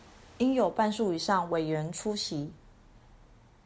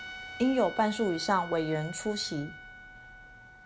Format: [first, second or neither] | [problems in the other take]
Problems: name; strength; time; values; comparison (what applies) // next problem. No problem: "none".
first | background sound (Trumpet); 13 dB below the speech